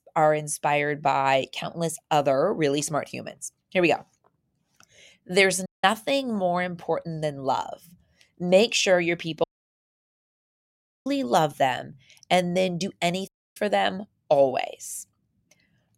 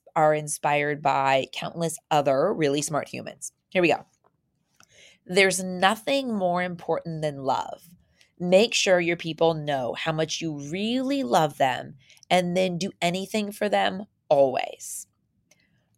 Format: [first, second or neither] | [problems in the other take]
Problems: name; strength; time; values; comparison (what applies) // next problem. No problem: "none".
second | audio cutting out; at 5.5 s, at 9.5 s for 1.5 s and at 13 s